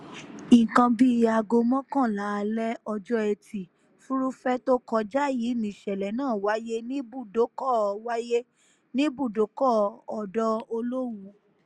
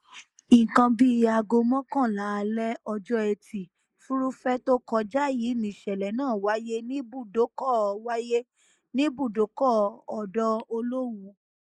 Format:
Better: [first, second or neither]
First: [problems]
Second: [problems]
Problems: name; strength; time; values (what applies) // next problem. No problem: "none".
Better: first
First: none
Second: noise reduction (neural mask model Resemble Enhance denoiser)